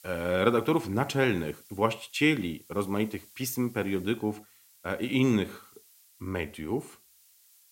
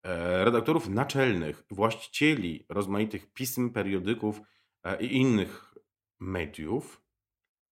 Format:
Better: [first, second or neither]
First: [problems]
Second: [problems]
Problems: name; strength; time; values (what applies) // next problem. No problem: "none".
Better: second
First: hiss; faint; throughout; 25 dB below the speech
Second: none